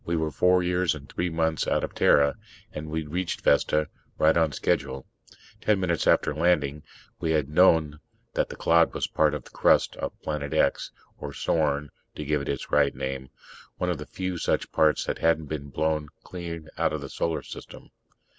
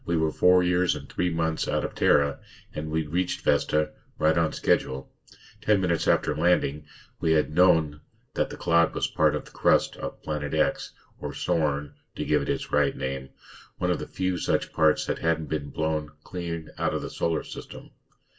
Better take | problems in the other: first | room echo; dies away in 0.2 s

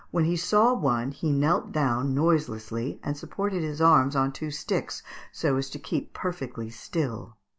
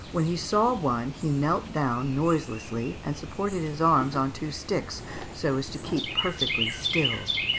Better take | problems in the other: first | background sound (Chirp, tweet); 6 dB below the speech

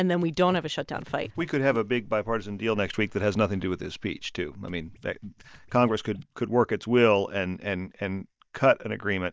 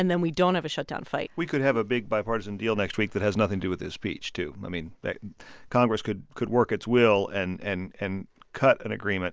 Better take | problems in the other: second | noise reduction (neural mask model DeepFilterNet 3)

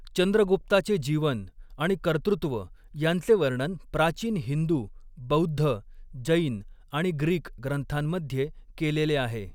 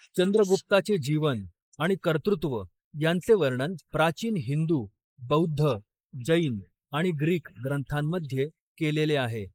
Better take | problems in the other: first | noise reduction (neural mask model Resemble Enhance denoiser)

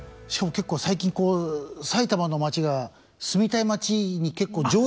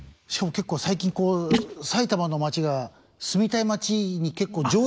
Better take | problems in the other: first | noise reduction (neural mask model Resemble Enhance denoiser)

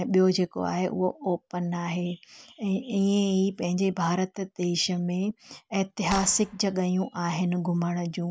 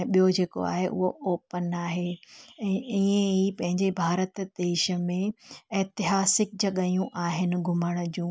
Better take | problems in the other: second | background sound (Clapping); 12 dB below the speech

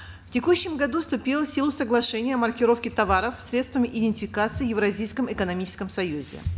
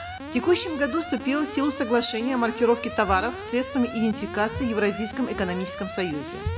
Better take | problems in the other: first | background sound (Alarm); 11 dB below the speech

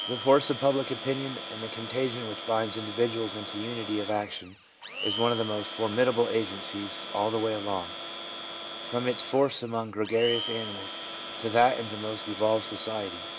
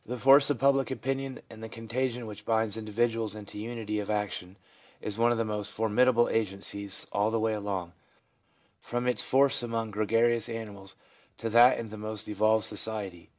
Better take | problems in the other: second | background sound (Domestic sounds, home sounds); 8 dB below the speech

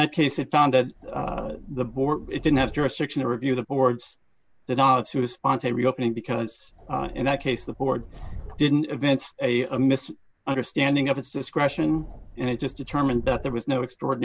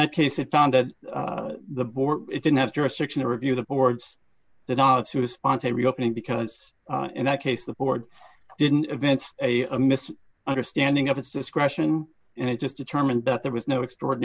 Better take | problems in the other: second | background sound (Subway, metro, underground); 14 dB below the speech

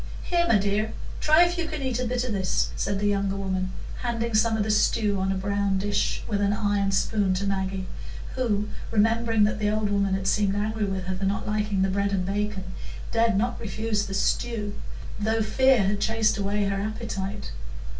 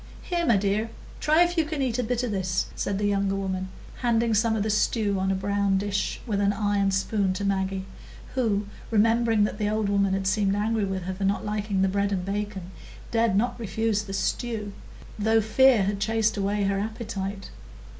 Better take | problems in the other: second | room echo; dies away in 0.2 s

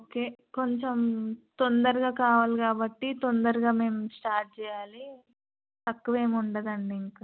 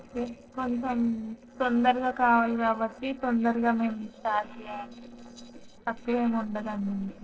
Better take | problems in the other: first | noise reduction (neural separator model SepFormer DNS4)

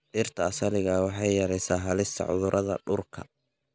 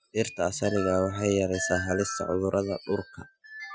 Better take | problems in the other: first | noise reduction (classical method Wiener filter)

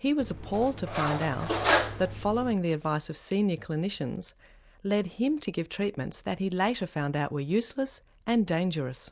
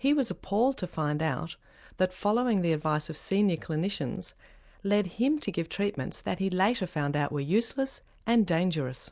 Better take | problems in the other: second | background sound (Cutlery, silverware); 1 dB below the speech

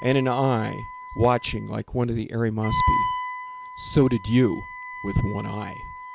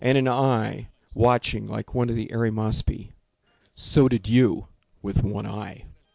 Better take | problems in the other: second | background sound (Wind instrument, woodwind instrument); 7 dB below the speech

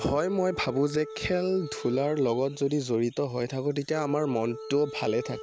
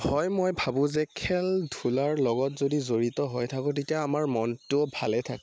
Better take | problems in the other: second | background sound (Wind instrument, woodwind instrument); 13 dB below the speech

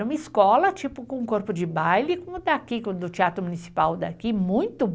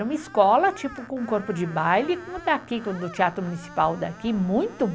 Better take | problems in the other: first | background sound (Screech); 19 dB below the speech

